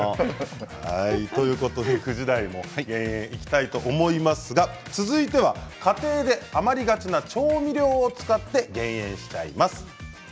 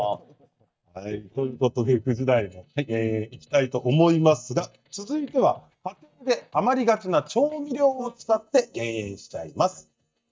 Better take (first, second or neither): first